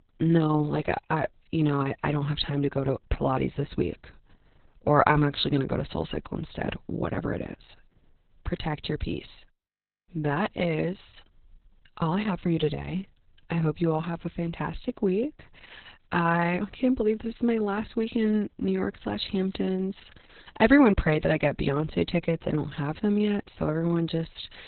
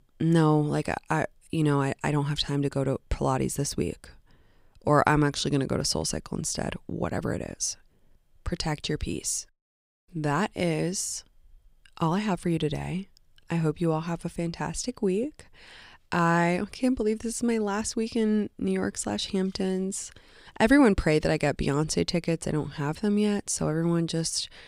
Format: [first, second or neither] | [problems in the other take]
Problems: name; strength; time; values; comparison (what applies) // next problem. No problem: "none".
second | garbled, watery; badly; nothing above 4 kHz